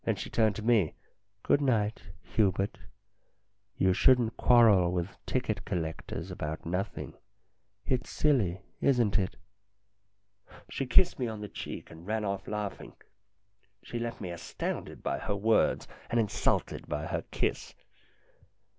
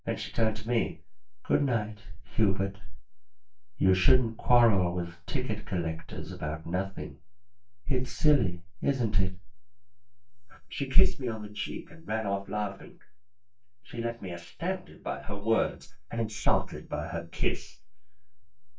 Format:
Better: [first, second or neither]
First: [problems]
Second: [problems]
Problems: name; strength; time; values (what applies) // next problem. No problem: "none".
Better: first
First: none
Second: noise reduction (neural mask model DeepFilterNet 3)